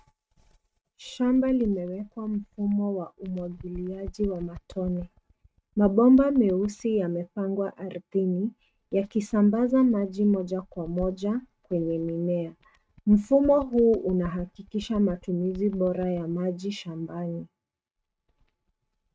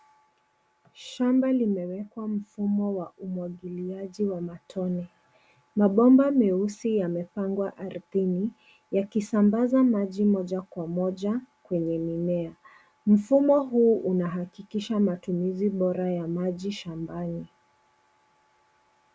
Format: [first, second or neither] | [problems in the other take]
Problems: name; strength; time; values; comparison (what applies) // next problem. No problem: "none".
second | noise reduction (neural mask model RNNoise)